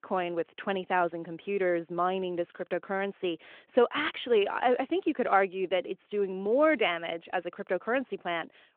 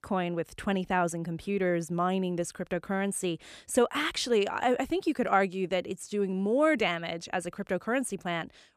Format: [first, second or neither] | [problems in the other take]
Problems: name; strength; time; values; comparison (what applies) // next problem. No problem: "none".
second | phone-call audio